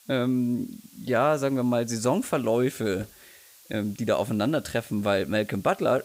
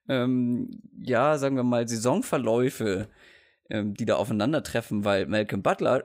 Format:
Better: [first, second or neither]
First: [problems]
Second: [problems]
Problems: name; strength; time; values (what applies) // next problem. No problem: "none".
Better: second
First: hiss; faint; throughout; 25 dB below the speech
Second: none